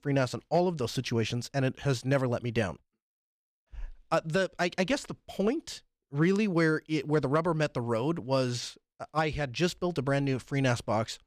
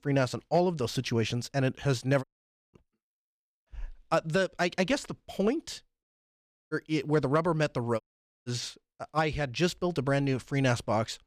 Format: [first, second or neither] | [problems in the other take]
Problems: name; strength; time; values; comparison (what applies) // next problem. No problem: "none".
first | audio cutting out; at 2 s, at 6 s for 0.5 s and at 8 s